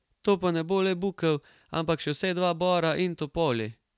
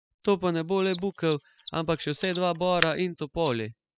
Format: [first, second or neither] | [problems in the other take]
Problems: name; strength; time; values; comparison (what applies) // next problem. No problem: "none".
first | noise reduction (classical method spectral subtraction)